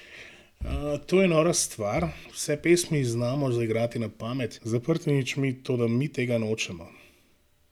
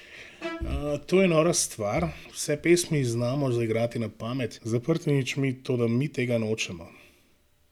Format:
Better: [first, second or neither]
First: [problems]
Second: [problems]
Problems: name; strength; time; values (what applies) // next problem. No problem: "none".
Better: first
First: none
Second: background sound (Bowed string instrument); 15 dB below the speech